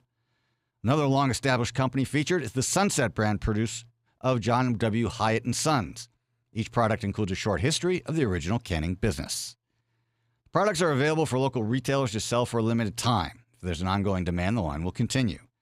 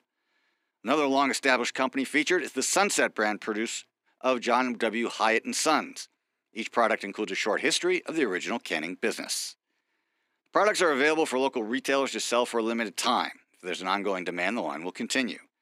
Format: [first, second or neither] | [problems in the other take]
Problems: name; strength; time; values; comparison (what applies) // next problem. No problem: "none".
first | thin; somewhat; fading below 250 Hz